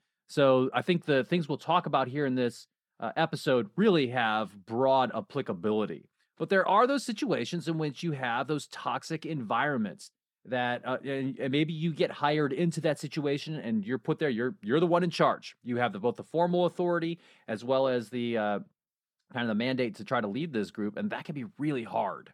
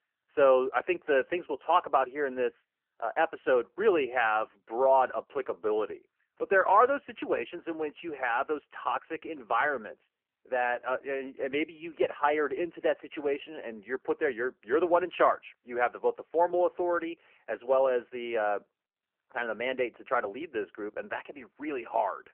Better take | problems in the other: first | phone-call audio; nothing above 3 kHz

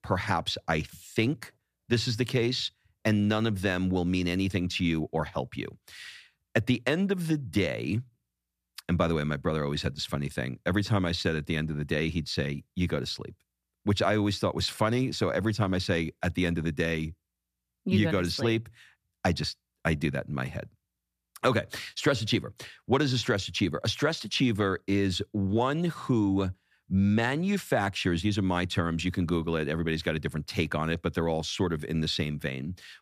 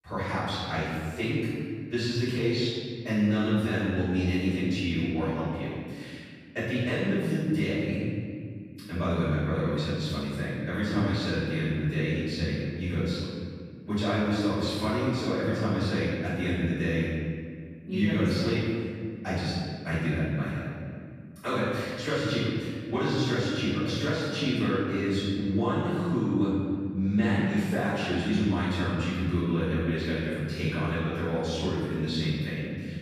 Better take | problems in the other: first | off-mic speech; far // room echo; strong; dies away in 1.9 s

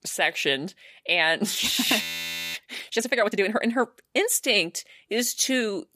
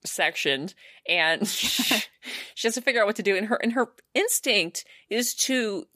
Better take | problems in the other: second | audio freezing; at 2 s for 0.5 s

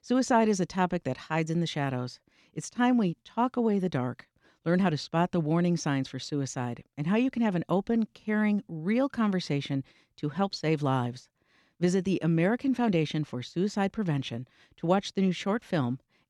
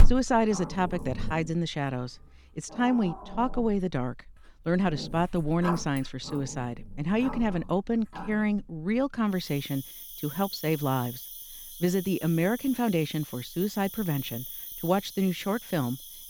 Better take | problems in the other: first | animal sounds; noticeable; throughout; 10 dB below the speech

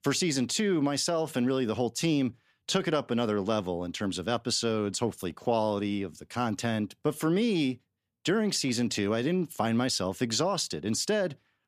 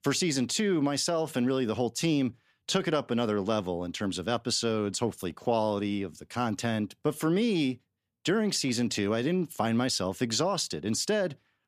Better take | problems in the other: neither | none

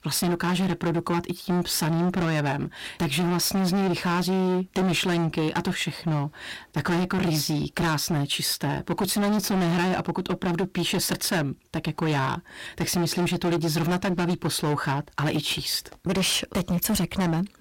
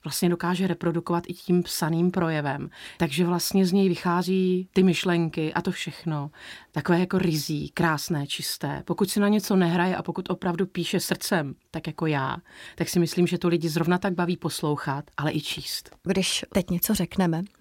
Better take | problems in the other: second | distortion; heavy; 23% of the sound clipped

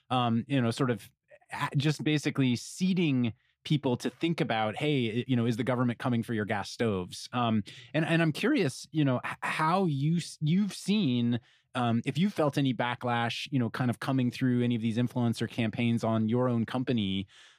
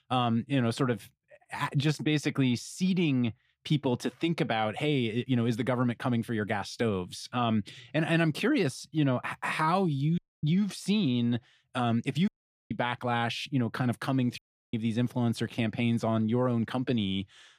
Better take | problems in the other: first | audio cutting out; at 10 s, at 12 s and at 14 s

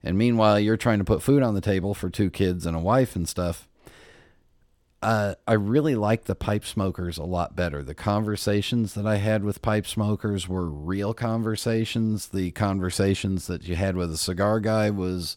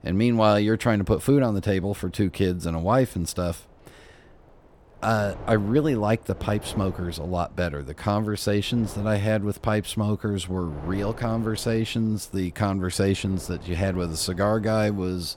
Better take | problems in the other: first | wind noise on the microphone; occasional gusts; 20 dB below the speech

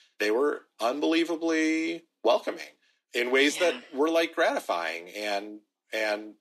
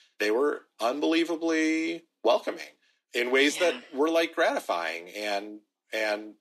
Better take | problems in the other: neither | thin; somewhat; fading below 300 Hz; the same in both

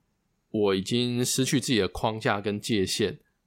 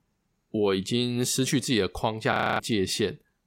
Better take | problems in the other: first | audio freezing; at 2.5 s

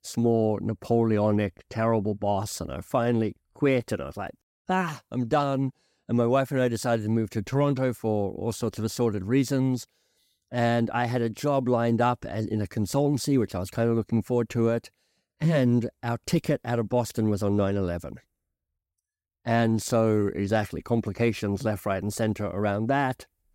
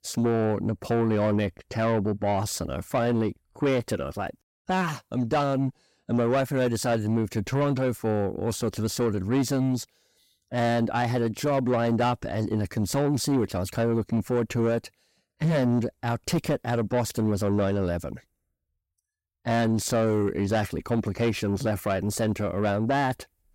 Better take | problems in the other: first | distortion; slight; 10 dB below the speech

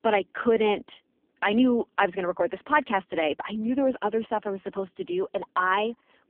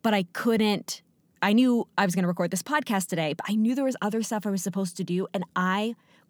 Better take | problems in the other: second | phone-call audio; poor line; nothing above 3 kHz

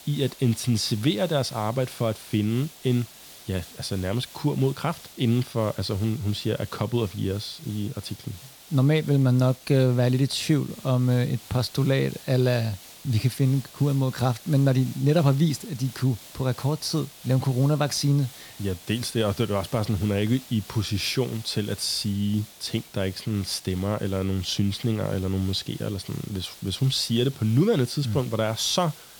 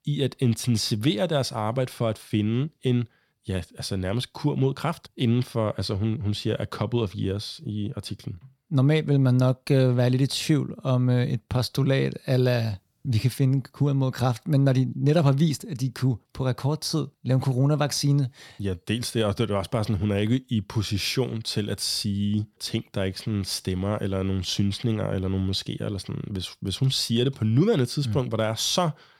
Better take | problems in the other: second | hiss; noticeable; throughout; 20 dB below the speech

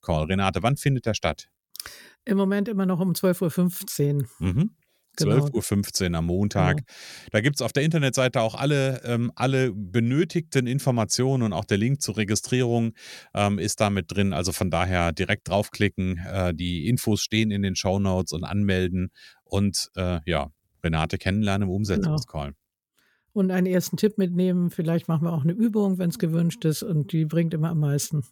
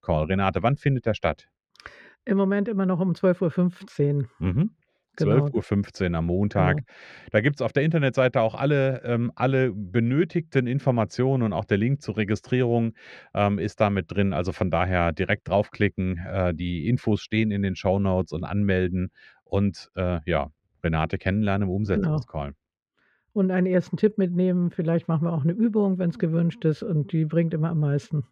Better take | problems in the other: first | muffled; very; fading above 2 kHz

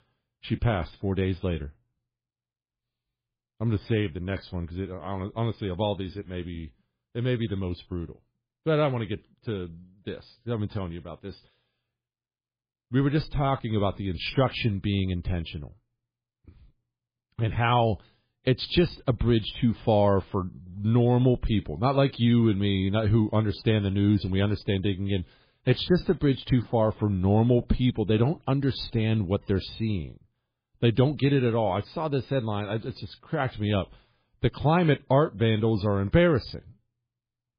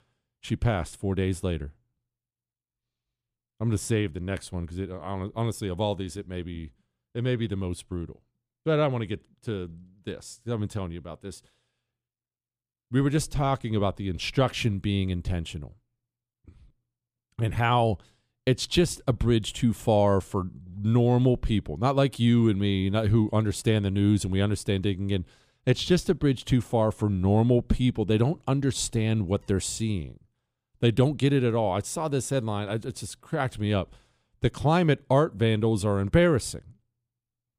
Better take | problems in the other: second | garbled, watery; badly

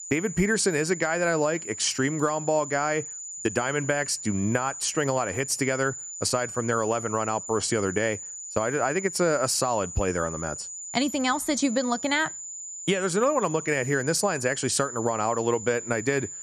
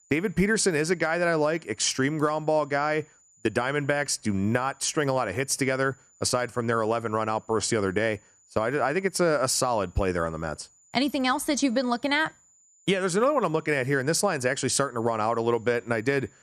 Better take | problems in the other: second | high-pitched whine; loud; throughout; 7 kHz, 9 dB below the speech; faint in the second

